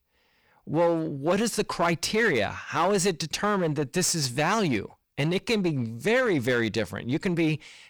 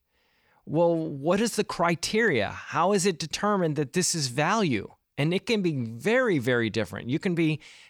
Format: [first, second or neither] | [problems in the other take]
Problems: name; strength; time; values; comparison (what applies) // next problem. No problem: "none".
second | distortion; slight; 8% of the sound clipped